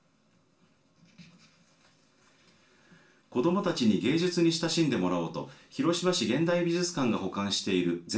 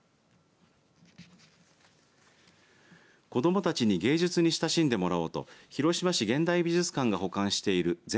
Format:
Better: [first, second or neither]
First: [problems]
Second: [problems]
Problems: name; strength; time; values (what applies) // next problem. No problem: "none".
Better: second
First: room echo; dies away in 0.3 s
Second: none